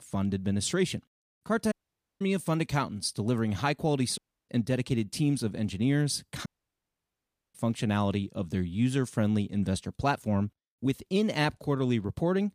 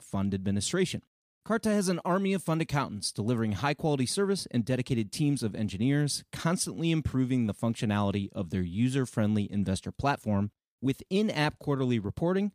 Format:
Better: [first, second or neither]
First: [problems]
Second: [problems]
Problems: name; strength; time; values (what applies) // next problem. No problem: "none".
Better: second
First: audio cutting out; at 1.5 s, at 4 s and at 6.5 s for 1 s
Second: none